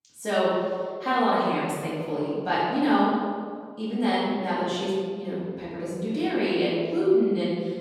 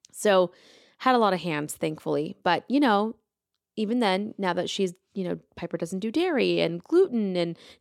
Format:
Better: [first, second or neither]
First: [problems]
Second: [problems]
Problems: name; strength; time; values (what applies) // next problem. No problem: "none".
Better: second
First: room echo; strong; dies away in 1.7 s // off-mic speech; far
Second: none